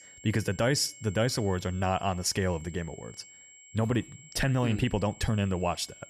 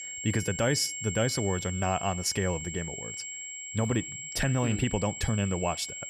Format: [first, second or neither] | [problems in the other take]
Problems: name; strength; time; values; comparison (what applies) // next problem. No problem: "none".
first | high-pitched whine; loud; throughout; 7.5 kHz, 7 dB below the speech; faint in the first